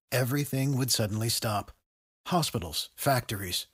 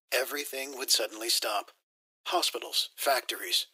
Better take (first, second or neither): first